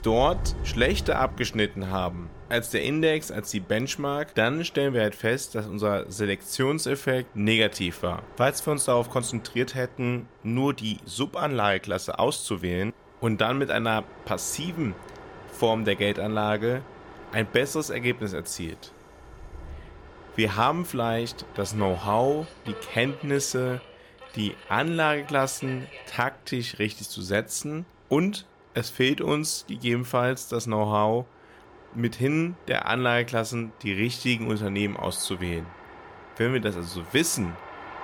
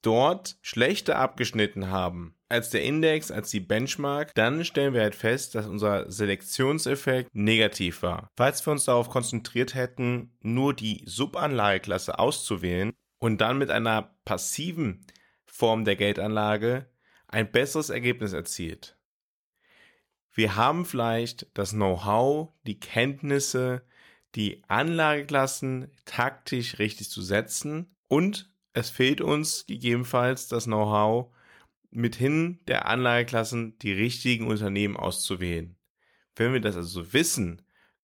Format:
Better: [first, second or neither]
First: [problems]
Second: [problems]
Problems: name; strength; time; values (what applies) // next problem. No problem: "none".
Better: second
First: train or aircraft noise; noticeable; throughout; 15 dB below the speech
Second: none